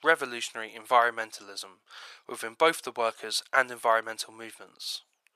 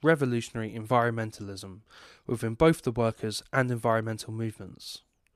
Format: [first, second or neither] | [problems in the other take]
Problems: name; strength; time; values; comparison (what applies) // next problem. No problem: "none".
second | thin; very; fading below 850 Hz